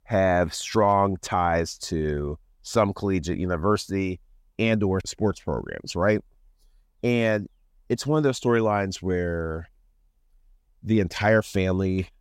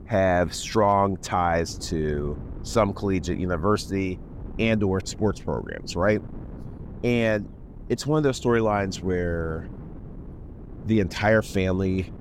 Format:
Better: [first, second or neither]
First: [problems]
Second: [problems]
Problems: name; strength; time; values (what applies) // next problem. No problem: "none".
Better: first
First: none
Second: wind noise on the microphone; occasional gusts; 25 dB below the speech